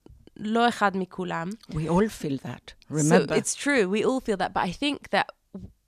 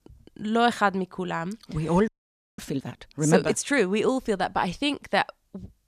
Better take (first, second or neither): first